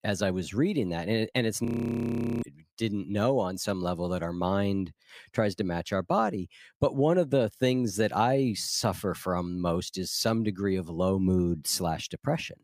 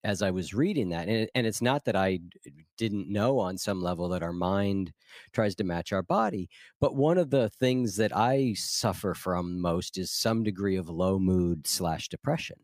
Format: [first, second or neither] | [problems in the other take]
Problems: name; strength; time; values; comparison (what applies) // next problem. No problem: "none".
second | audio freezing; at 1.5 s for 1 s